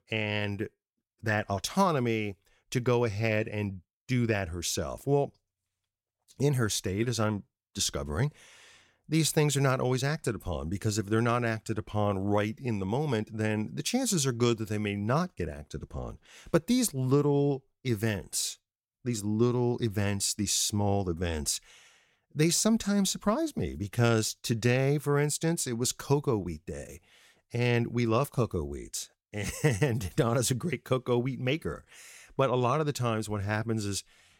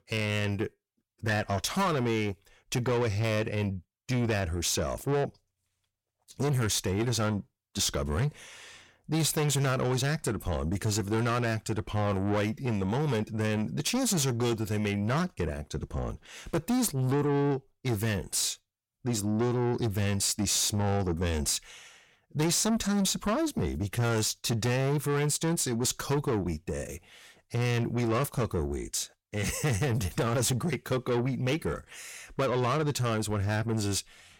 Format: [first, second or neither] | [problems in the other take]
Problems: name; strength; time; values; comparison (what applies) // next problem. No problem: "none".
first | distortion; heavy; 7 dB below the speech